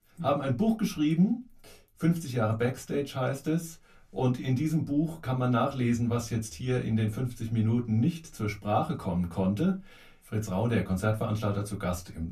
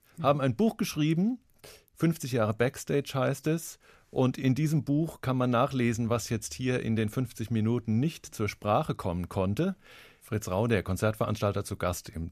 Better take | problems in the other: second | off-mic speech; far // room echo; very slight; dies away in 0.2 s

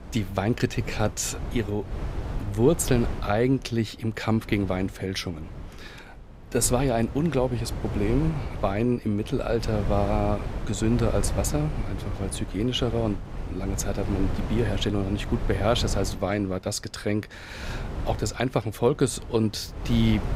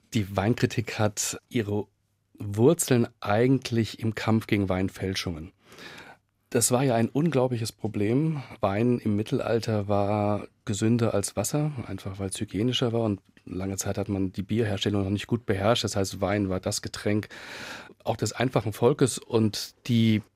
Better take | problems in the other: second | wind noise on the microphone; occasional gusts; 10 dB below the speech

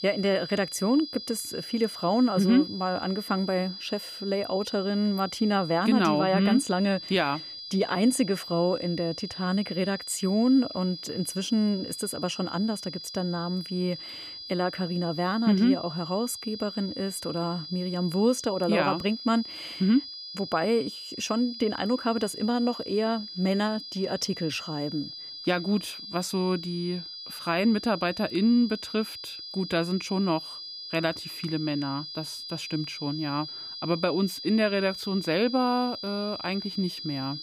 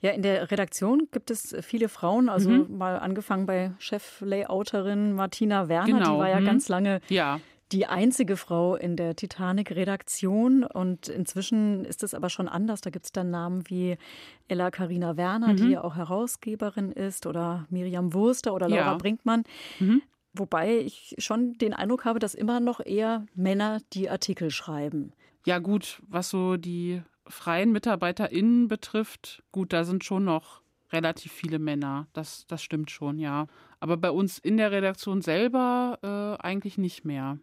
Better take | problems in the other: second | high-pitched whine; loud; throughout; 5 kHz, 10 dB below the speech

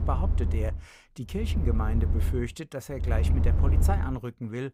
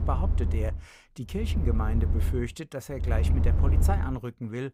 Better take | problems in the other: neither | low rumble; loud; at the start, from 1.5 to 2.5 s and at 3 s; 6 dB below the speech; the same in both

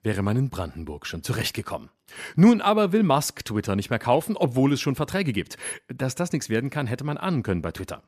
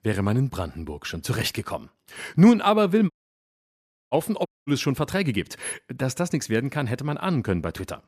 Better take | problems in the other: first | audio cutting out; at 3 s for 1 s and at 4.5 s

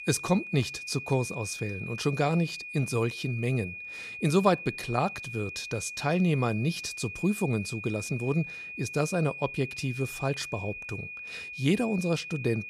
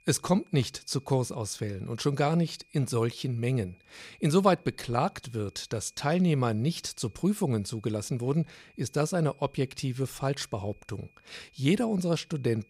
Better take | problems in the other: second | high-pitched whine; loud; throughout; 2.5 kHz, 8 dB below the speech; faint in the second

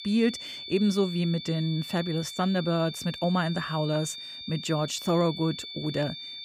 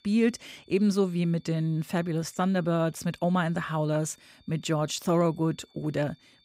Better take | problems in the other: second | high-pitched whine; loud; throughout; 3.5 kHz, 9 dB below the speech; faint in the second

